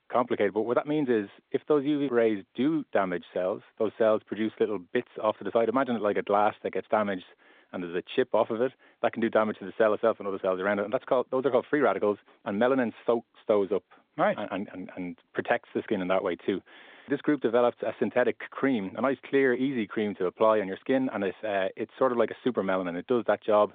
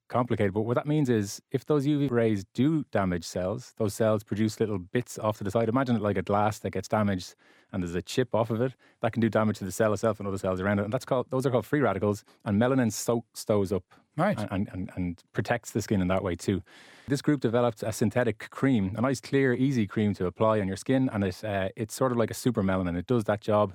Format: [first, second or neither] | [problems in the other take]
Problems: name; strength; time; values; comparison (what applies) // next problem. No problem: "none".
second | phone-call audio